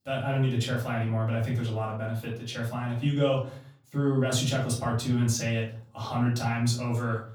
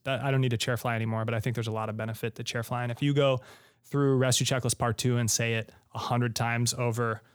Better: second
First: off-mic speech; far // room echo; slight; dies away in 0.4 s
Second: none

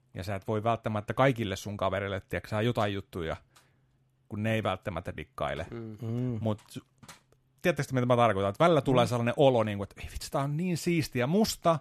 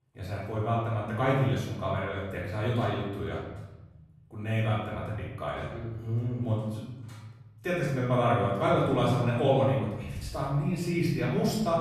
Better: first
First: none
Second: off-mic speech; far // room echo; noticeable; dies away in 1.2 s

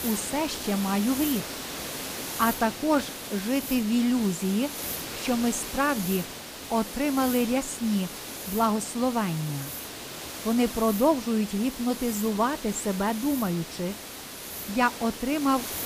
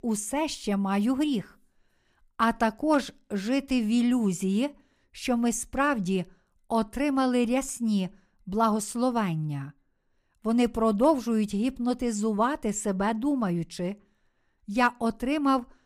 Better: second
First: hiss; loud; throughout; 8 dB below the speech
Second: none

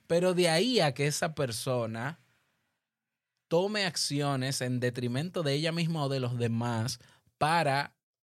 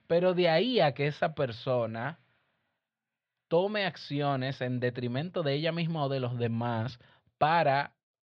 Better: first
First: none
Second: muffled; slightly; fading above 4 kHz

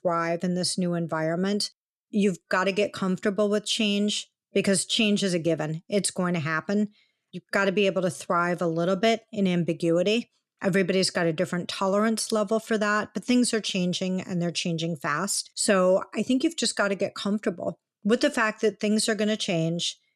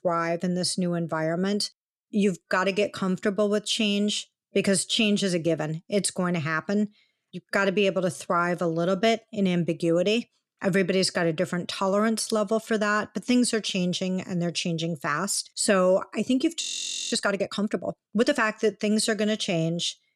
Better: first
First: none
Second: audio freezing; at 17 s for 0.5 s

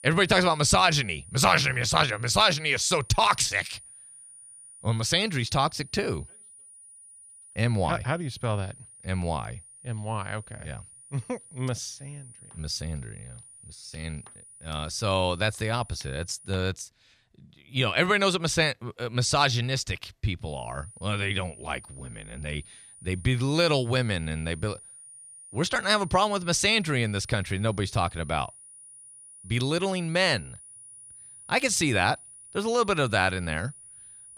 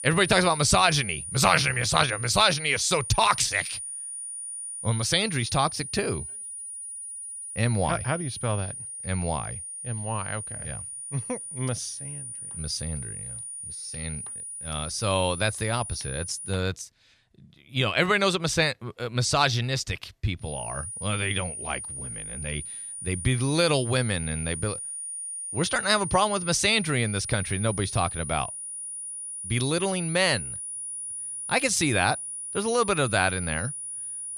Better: first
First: high-pitched whine; faint; until 17 s and from 20 s on; 9.5 kHz, 20 dB below the speech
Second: high-pitched whine; loud; until 17 s and from 20 s on; 9.5 kHz, 8 dB below the speech

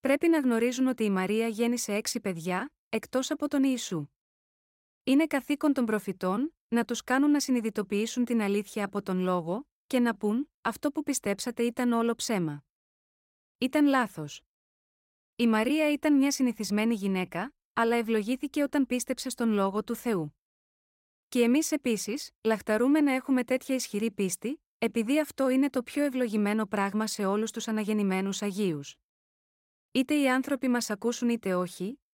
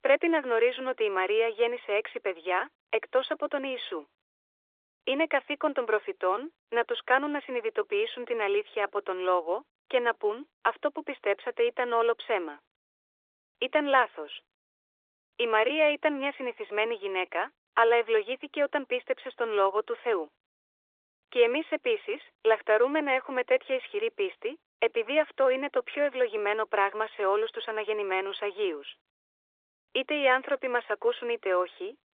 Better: first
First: none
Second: phone-call audio; nothing above 3 kHz

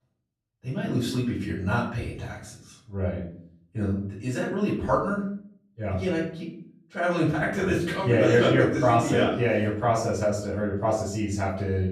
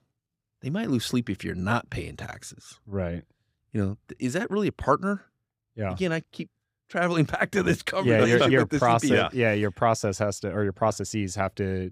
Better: second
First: off-mic speech; far // room echo; noticeable; dies away in 0.5 s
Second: none

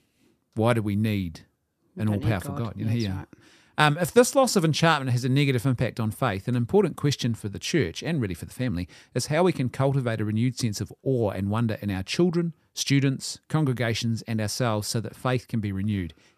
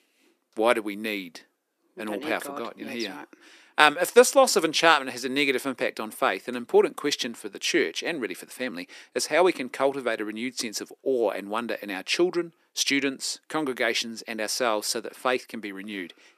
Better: first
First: none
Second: thin; somewhat; fading below 300 Hz

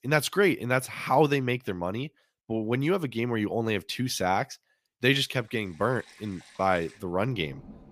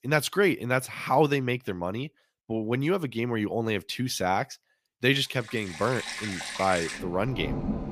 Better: first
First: rain or running water; faint; from 5.5 s on; 25 dB below the speech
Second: rain or running water; loud; from 5.5 s on; 7 dB below the speech

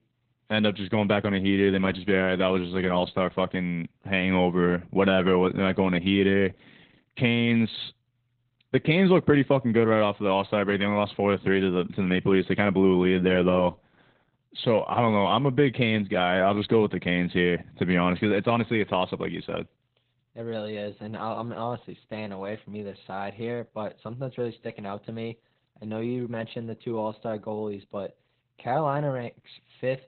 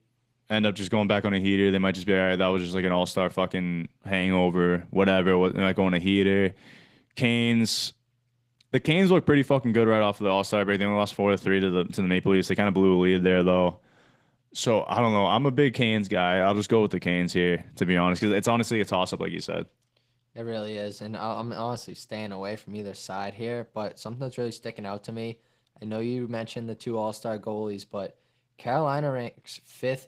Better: second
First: garbled, watery; badly; nothing above 3.5 kHz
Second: garbled, watery; slightly; nothing above 15.5 kHz

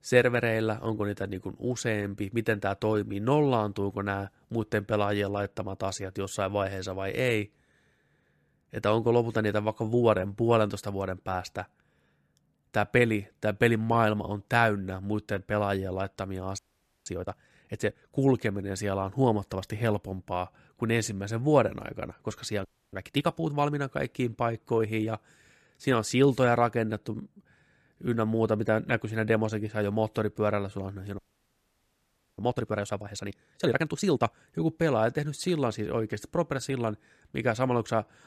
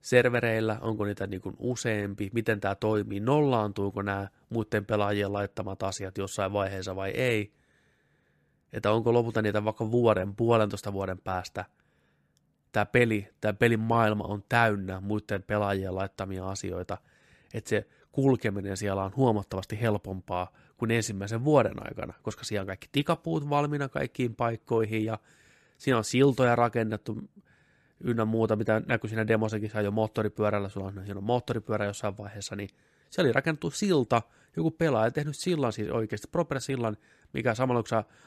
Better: second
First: audio freezing; at 17 s, at 23 s and at 31 s for 1 s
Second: none

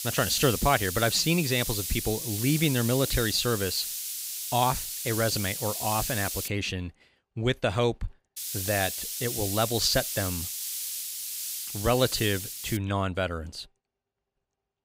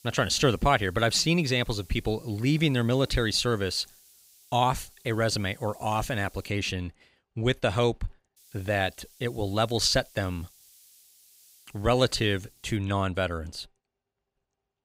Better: second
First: hiss; loud; until 6.5 s and from 8.5 to 13 s; 4 dB below the speech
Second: hiss; faint; until 6.5 s and from 8.5 to 13 s; 25 dB below the speech

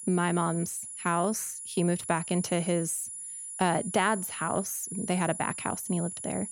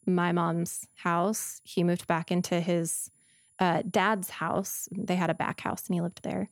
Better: second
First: high-pitched whine; loud; throughout; 10.5 kHz, 7 dB below the speech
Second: high-pitched whine; faint; throughout; 10.5 kHz, 35 dB below the speech

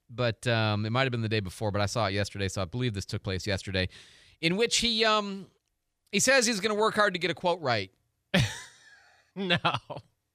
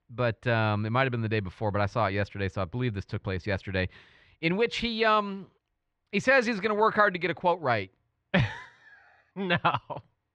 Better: first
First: none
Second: muffled; slightly; fading above 2 kHz

